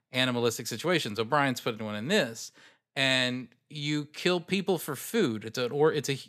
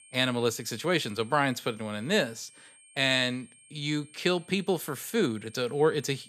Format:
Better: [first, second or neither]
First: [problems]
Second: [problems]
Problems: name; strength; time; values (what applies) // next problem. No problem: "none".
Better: first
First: none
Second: high-pitched whine; faint; throughout; 8.5 kHz, 25 dB below the speech